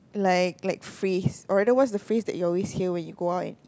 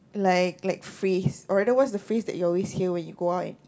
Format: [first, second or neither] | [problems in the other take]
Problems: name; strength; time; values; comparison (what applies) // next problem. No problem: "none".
first | room echo; dies away in 0.2 s